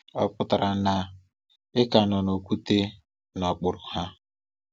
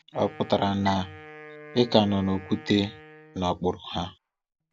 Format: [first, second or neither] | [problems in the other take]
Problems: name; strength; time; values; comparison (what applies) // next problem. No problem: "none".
first | background sound (Chime + Wind instrument, woodwind instrument); 18 dB below the speech